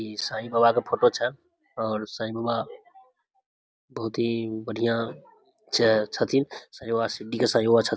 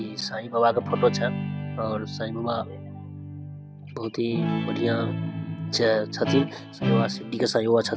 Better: first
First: none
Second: background sound (Guitar); 4 dB below the speech

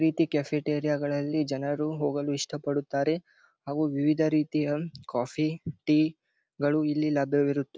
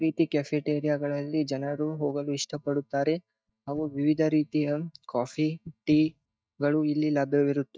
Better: first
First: none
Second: noise reduction (neural mask model DeepFilterNet 3)

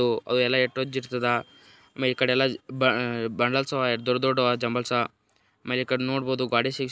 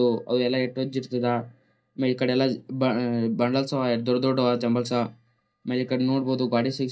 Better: first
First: none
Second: noise reduction (neural mask model DeepFilterNet 3)

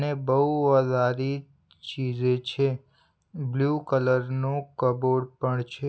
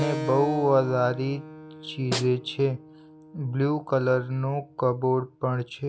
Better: first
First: none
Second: background sound (Snare drum + Keyboard (musical)); 12 dB below the speech

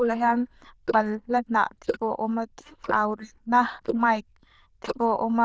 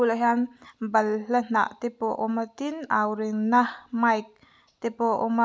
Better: second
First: noise reduction (neural diffusion model UNIVERSE++)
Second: none

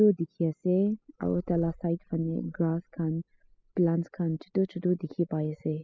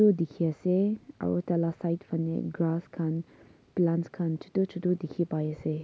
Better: second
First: noise reduction (classical method spectral subtraction)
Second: none

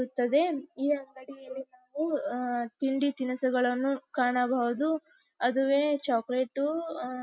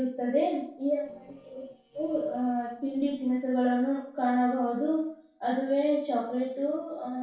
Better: first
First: none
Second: noise reduction (neural separator model SepFormer DNS4)

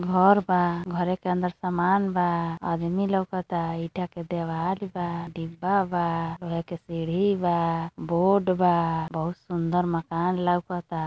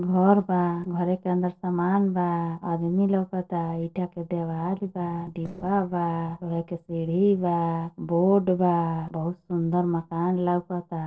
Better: first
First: none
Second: noise reduction (neural separator model SepFormer DNS4)

